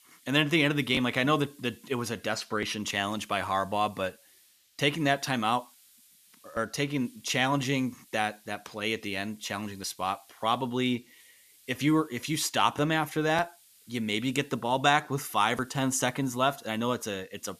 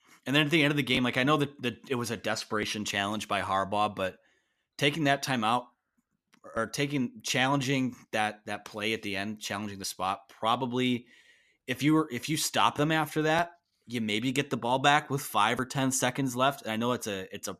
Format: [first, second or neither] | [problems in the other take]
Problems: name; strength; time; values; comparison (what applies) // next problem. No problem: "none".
second | hiss; faint; throughout; 30 dB below the speech